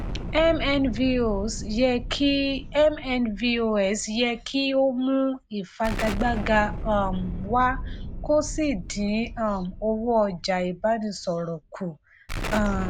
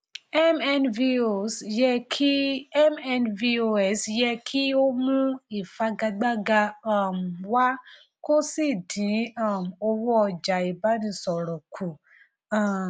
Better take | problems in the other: second | background sound (Explosion); 9 dB below the speech

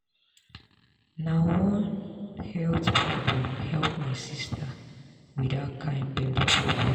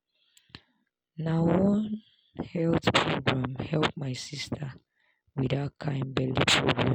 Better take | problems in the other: second | room echo; dies away in 2.3 s

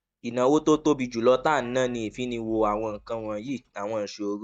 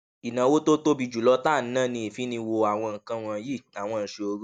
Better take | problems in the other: second | noise reduction (neural mask model DeepFilterNet 3)

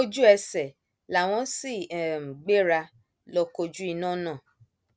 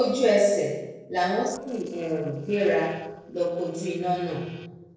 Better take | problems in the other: first | noise reduction (neural separator model SepFormer DNS4)

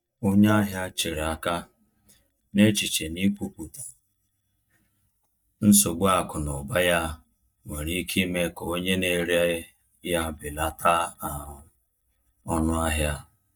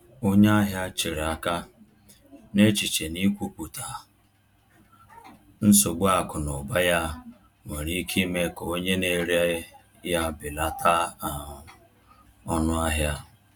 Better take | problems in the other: second | noise reduction (neural mask model DeepFilterNet 3)

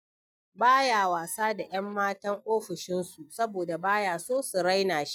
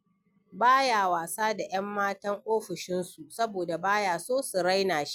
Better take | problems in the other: second | noise reduction (neural mask model DeepFilterNet 3)

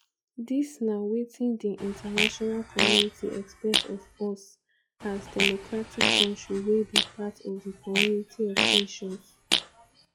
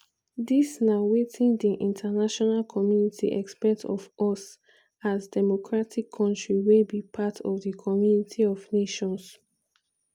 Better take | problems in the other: second | noise reduction (classical method log-MMSE)

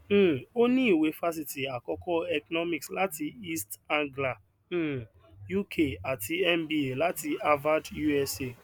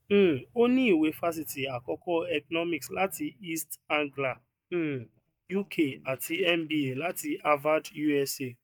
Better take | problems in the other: first | noise reduction (neural mask model DeepFilterNet 3)

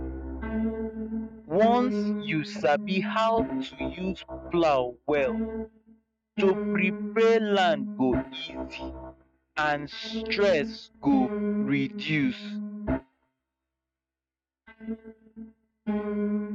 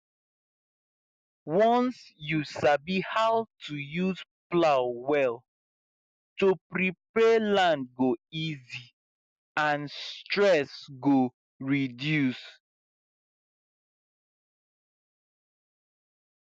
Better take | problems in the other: second | noise reduction (neural mask model RNNoise)

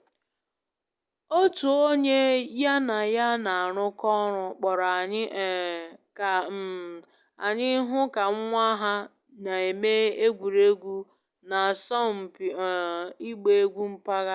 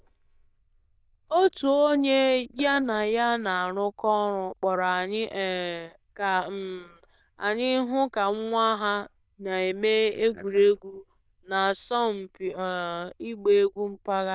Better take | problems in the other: first | noise reduction (neural diffusion model UNIVERSE++)

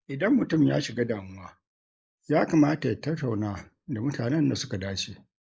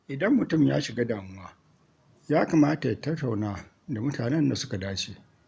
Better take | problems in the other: second | noise reduction (neural mask model Resemble Enhance denoiser)

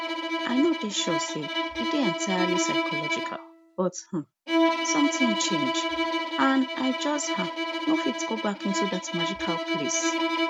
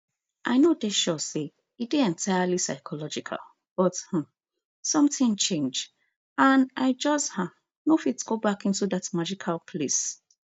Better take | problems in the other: second | background sound (Bowed string instrument); 1 dB above the speech

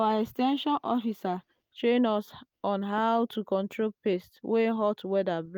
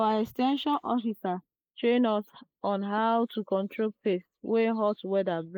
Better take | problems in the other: first | noise reduction (neural mask model Resemble Enhance denoiser)

